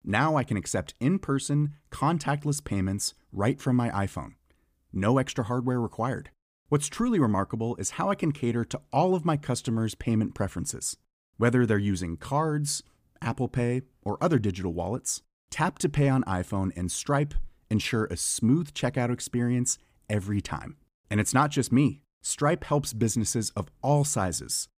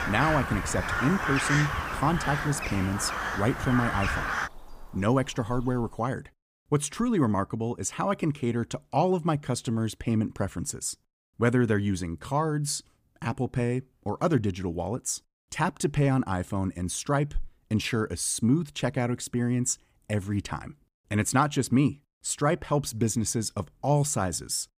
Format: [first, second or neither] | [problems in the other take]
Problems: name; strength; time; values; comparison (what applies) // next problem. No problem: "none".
first | animal sounds; loud; until 6 s; 2 dB below the speech